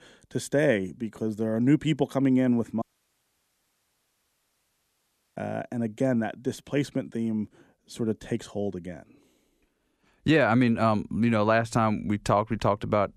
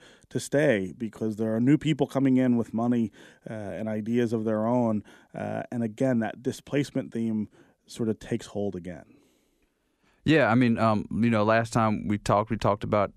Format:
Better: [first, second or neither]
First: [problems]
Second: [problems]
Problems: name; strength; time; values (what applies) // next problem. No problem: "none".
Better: second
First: audio cutting out; at 3 s for 2.5 s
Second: none